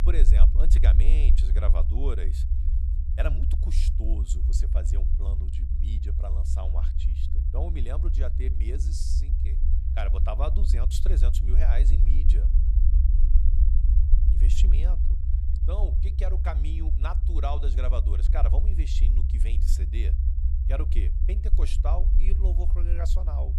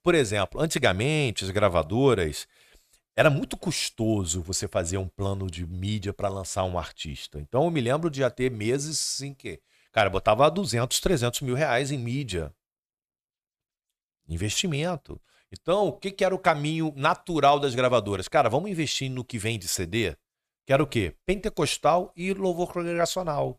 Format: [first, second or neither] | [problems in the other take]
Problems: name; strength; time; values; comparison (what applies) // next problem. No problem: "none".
second | low rumble; loud; throughout; 5 dB below the speech